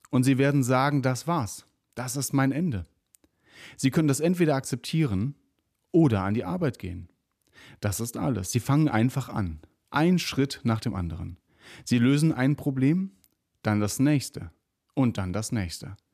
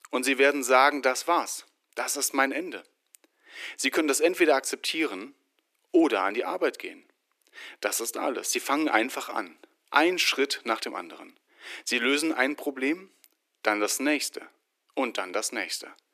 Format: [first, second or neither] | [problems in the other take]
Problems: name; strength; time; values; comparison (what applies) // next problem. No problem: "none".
first | thin; very; fading below 350 Hz